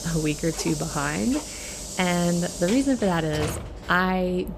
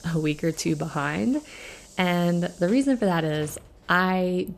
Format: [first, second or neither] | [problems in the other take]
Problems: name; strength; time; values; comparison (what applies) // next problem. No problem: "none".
second | hiss; loud; throughout; 8 dB below the speech; faint in the second